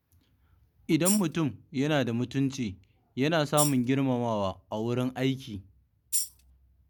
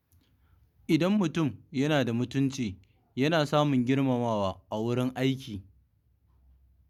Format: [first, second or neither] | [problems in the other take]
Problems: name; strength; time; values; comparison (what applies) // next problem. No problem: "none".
second | background sound (Tambourine); 2 dB below the speech